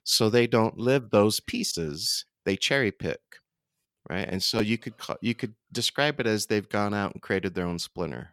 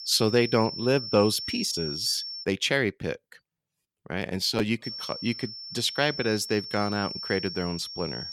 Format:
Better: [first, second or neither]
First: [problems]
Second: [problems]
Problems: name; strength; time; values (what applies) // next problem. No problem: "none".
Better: first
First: none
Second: high-pitched whine; loud; until 2.5 s and from 5 s on; 5.5 kHz, 7 dB below the speech